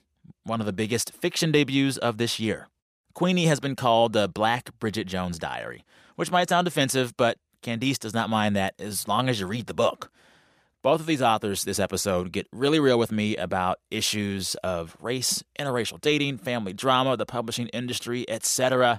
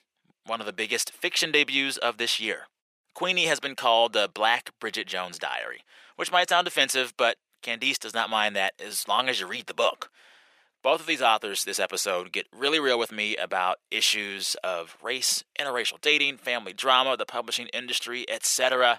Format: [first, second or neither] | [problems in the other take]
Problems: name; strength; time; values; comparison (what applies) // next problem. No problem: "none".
first | thin; somewhat; fading below 500 Hz